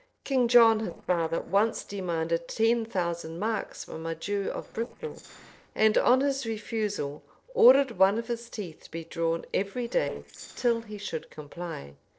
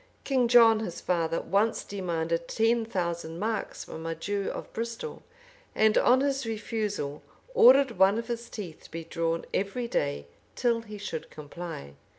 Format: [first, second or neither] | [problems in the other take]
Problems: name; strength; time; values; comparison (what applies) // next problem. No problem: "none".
second | noise reduction (neural separator model SepFormer DNS4)